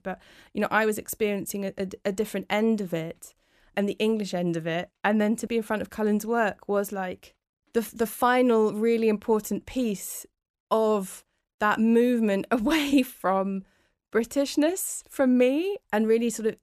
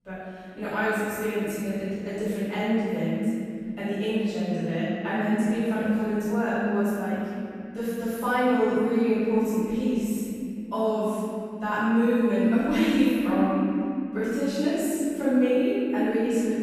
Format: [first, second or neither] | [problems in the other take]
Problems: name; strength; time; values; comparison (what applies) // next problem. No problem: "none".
first | room echo; strong; dies away in 3 s // off-mic speech; far